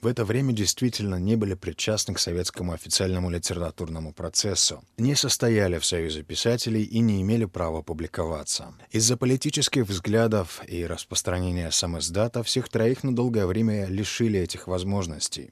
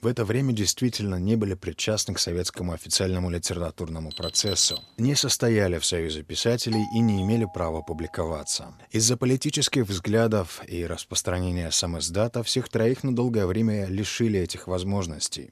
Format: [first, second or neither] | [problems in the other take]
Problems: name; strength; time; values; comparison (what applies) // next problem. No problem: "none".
first | alarm; noticeable; at 4 s; peak 4 dB below the speech // doorbell; noticeable; from 6.5 to 8 s; peak 10 dB below the speech